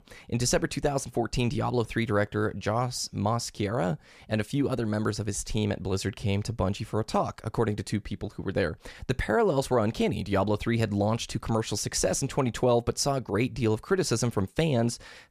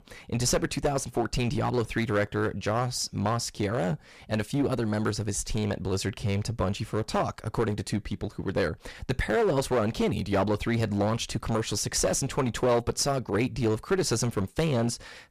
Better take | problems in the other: first | distortion; slight; 7% of the sound clipped

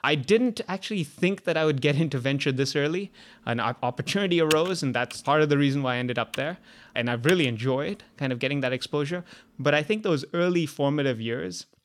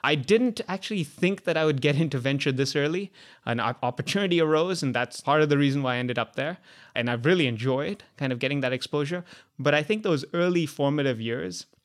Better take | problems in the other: second | keyboard typing; noticeable; from 4.5 to 7.5 s; peak 5 dB below the speech

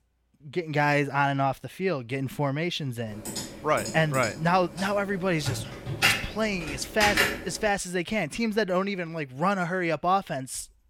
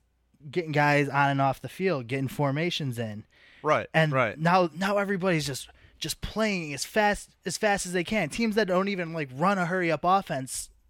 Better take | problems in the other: second | keyboard typing; loud; from 3.5 to 7.5 s; peak 5 dB above the speech

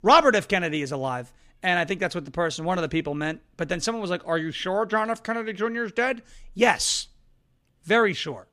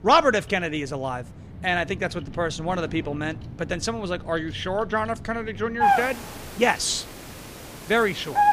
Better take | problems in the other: first | animal sounds; loud; throughout; 6 dB below the speech

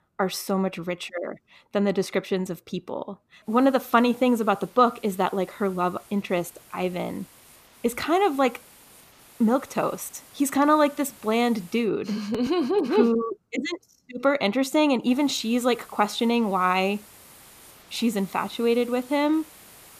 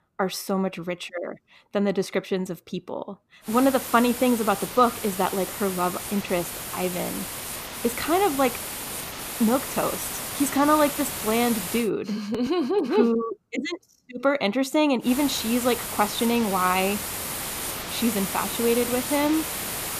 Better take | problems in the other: first | hiss; loud; from 3.5 to 12 s and from 15 s on; 6 dB below the speech; faint in the first

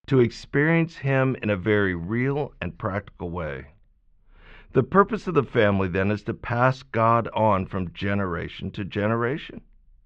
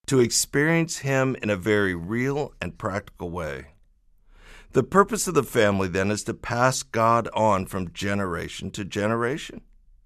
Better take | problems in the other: second | muffled; very; fading above 3.5 kHz

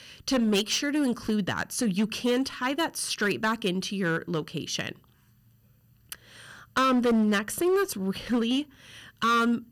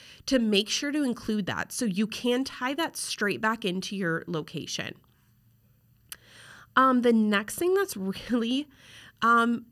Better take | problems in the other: second | distortion; slight; 7% of the sound clipped

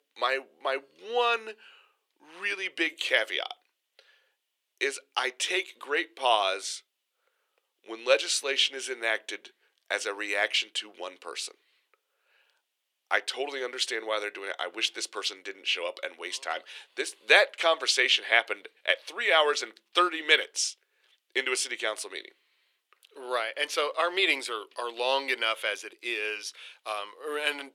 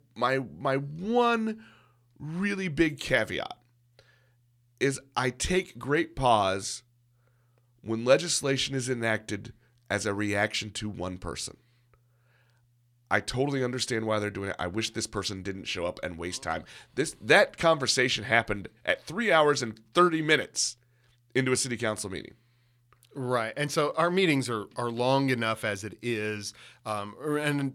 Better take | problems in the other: second | thin; very; fading below 400 Hz

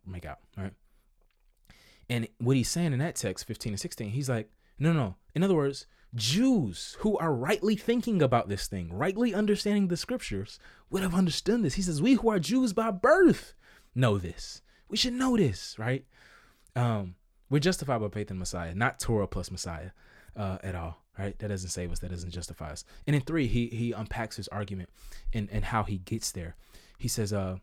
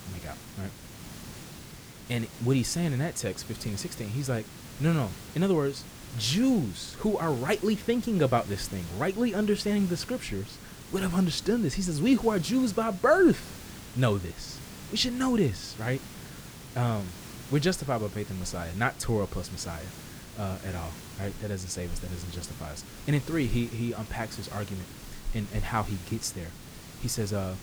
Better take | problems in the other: first | hiss; noticeable; throughout; 15 dB below the speech

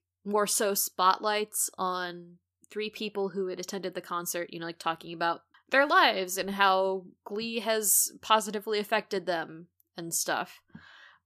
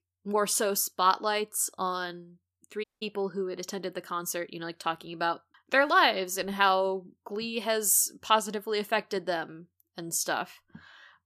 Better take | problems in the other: first | audio cutting out; at 3 s

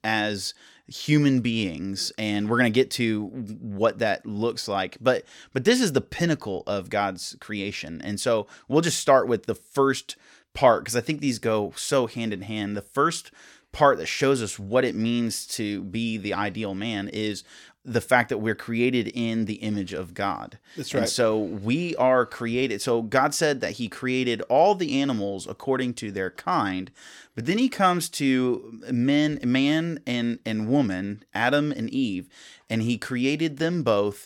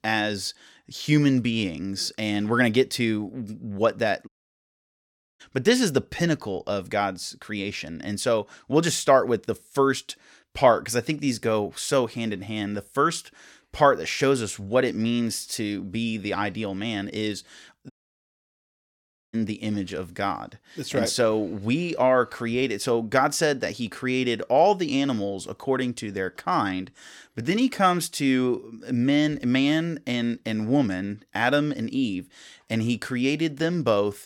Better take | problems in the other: first | audio cutting out; at 4.5 s for 1 s and at 18 s for 1.5 s

